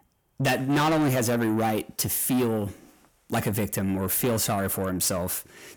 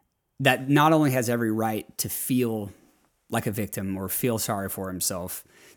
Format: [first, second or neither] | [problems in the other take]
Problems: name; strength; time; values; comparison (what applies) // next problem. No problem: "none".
second | distortion; heavy; 7 dB below the speech